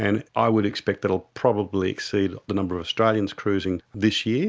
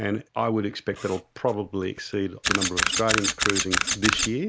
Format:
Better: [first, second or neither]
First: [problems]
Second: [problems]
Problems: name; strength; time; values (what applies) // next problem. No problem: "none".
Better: first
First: none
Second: background sound (Camera); as loud as the speech